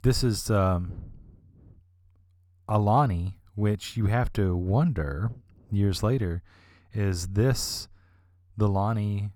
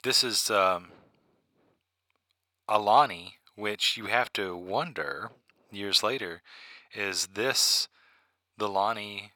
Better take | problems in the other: first | thin; very; fading below 600 Hz

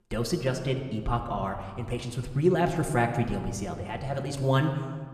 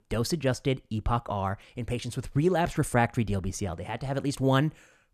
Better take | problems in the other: second | room echo; slight; dies away in 1.3 s

